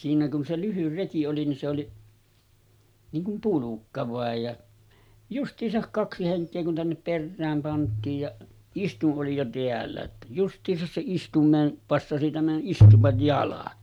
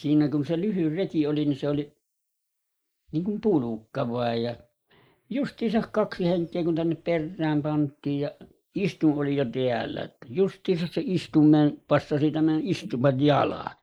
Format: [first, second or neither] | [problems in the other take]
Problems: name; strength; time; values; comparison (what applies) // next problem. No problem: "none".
first | noise reduction (neural mask model Resemble Enhance denoiser)